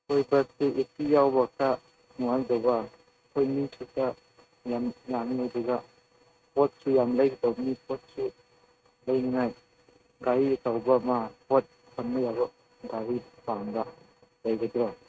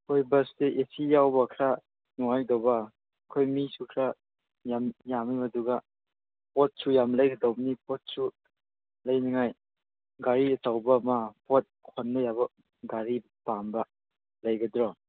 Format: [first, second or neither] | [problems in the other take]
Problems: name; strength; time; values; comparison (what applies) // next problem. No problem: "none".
second | noise reduction (neural mask model RNNoise)